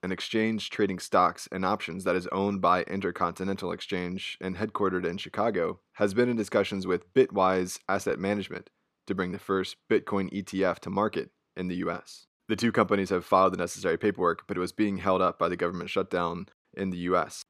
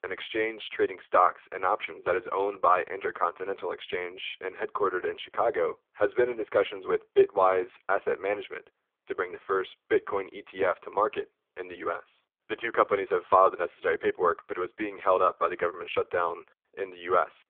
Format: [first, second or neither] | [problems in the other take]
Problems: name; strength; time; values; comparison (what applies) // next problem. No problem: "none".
first | phone-call audio; poor line; nothing above 3.5 kHz